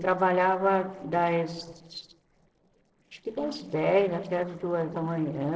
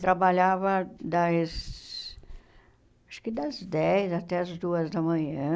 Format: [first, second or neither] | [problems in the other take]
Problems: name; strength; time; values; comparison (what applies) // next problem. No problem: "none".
second | noise reduction (neural separator model SepFormer DNS4)